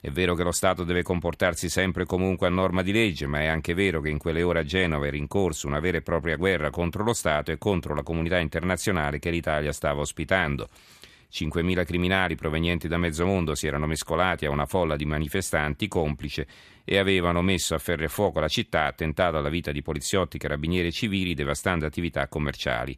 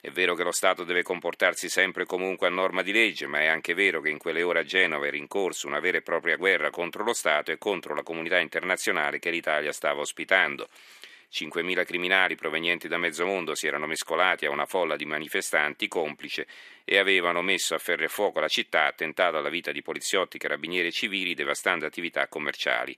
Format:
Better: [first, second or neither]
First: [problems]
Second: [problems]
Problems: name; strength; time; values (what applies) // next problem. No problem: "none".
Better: first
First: none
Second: thin; somewhat; fading below 300 Hz